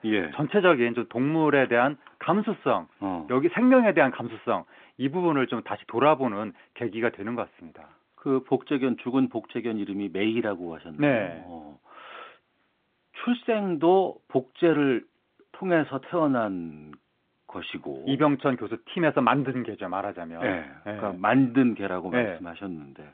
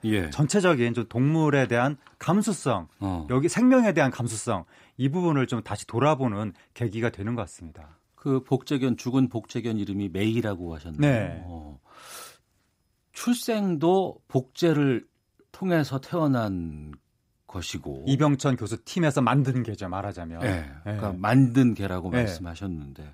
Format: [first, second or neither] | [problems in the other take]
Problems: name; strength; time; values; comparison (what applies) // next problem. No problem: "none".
second | phone-call audio